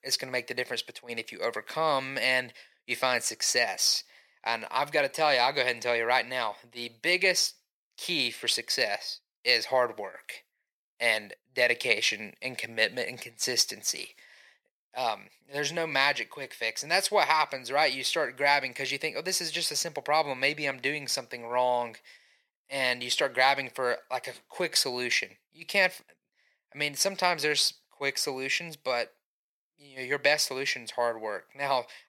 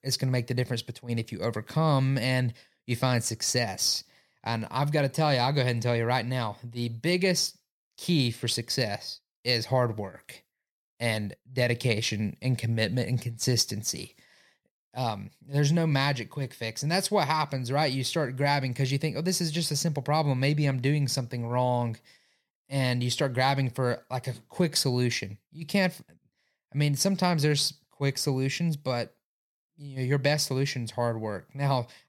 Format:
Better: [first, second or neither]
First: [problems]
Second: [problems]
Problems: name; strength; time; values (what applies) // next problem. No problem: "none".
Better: second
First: thin; very; fading below 550 Hz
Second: none